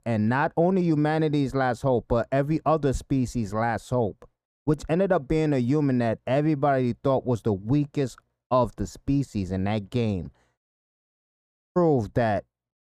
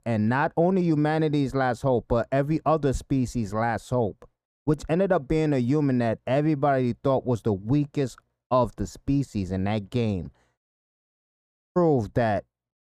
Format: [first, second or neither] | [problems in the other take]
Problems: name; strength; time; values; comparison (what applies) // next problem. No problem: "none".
neither | muffled; slightly; fading above 1.5 kHz; the same in both